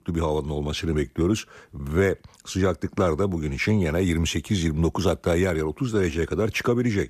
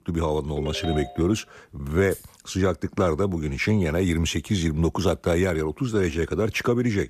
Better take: first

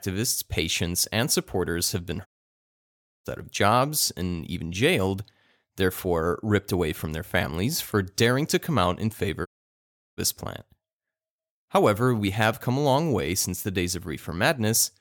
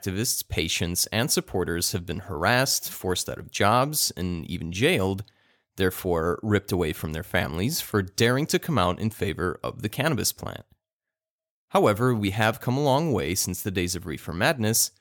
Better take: second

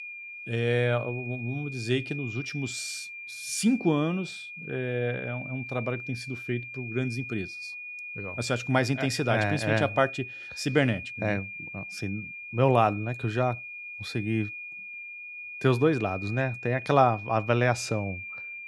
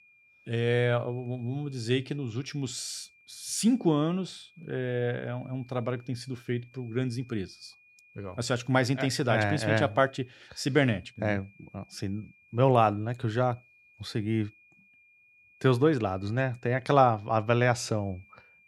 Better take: second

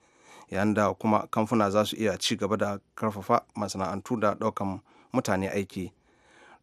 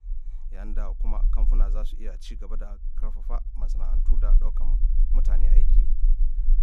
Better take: first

